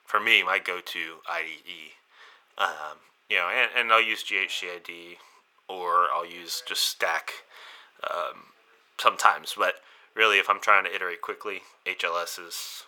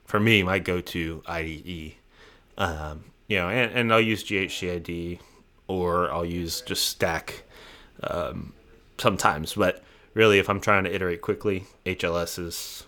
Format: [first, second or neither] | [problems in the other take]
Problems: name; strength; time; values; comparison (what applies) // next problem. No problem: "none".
second | thin; very; fading below 750 Hz